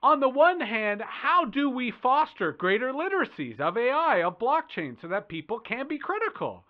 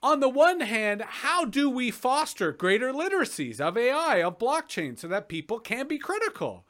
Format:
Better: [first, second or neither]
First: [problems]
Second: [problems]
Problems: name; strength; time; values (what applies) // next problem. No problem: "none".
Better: second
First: muffled; very; fading above 3.5 kHz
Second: none